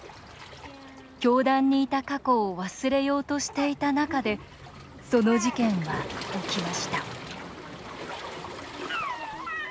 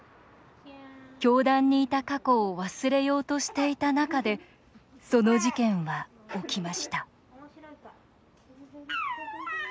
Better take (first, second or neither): second